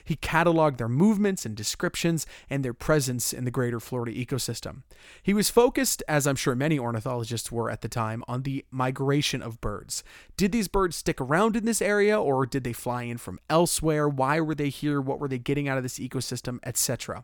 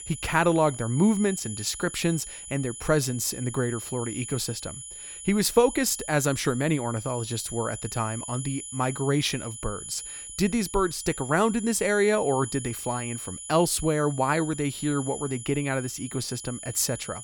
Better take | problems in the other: first | high-pitched whine; loud; throughout; 10 kHz, 10 dB below the speech

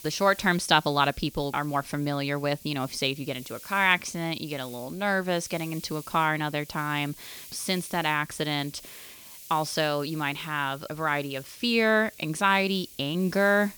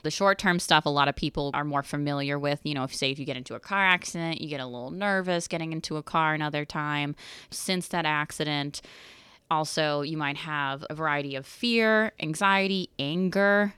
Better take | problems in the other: second | hiss; noticeable; throughout; 20 dB below the speech

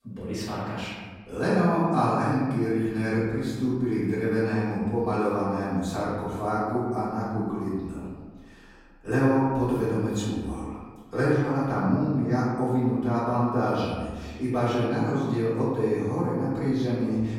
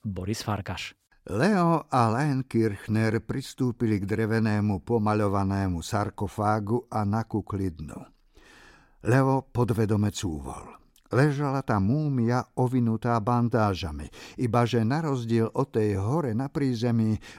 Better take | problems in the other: second | off-mic speech; far // room echo; strong; dies away in 1.3 s

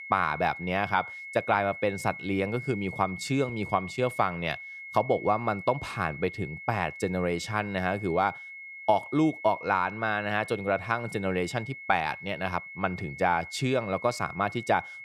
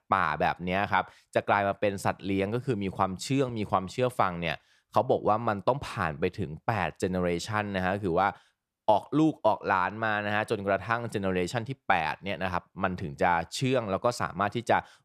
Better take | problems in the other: second | high-pitched whine; noticeable; throughout; 2 kHz, 10 dB below the speech

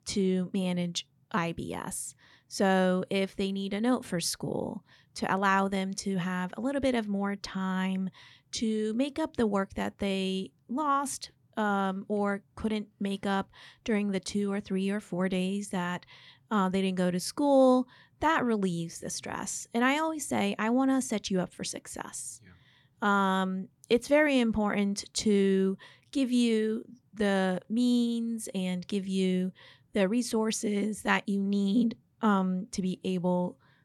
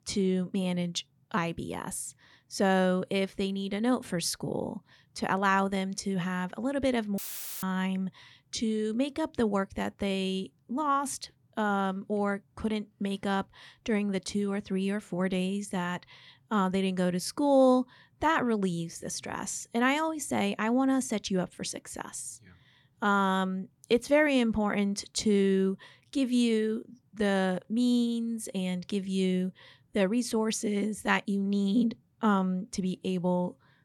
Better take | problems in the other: first | audio cutting out; filled with static; at 7 s

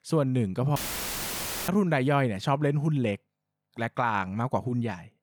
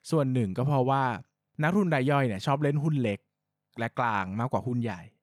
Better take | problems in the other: second | audio cutting out; filled with static; at 1 s for 1 s

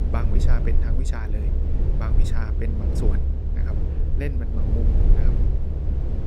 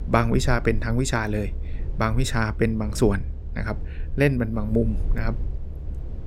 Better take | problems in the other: second | low rumble; loud; throughout; as loud as the speech; faint in the second

